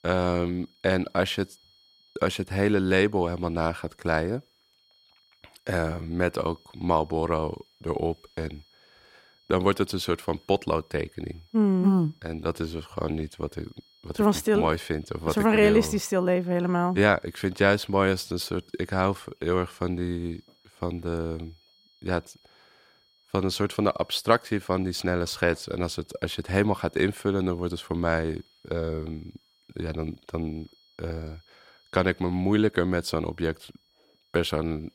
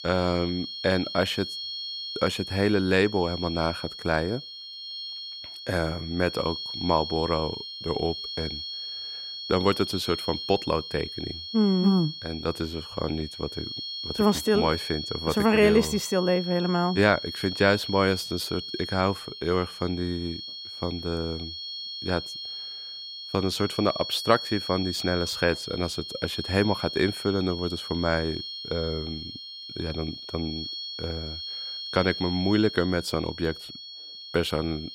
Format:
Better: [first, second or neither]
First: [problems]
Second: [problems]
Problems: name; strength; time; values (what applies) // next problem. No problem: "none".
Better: first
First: high-pitched whine; faint; throughout; 4.5 kHz, 35 dB below the speech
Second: high-pitched whine; loud; throughout; 4.5 kHz, 7 dB below the speech